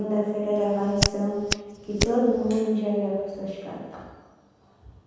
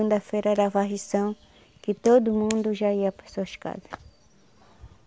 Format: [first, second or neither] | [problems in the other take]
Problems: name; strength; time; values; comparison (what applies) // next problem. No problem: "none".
second | background sound (Hands); 3 dB below the speech // room echo; dies away in 1.2 s